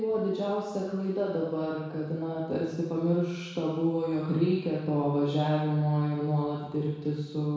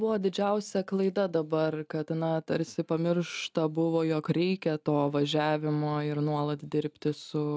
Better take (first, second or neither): second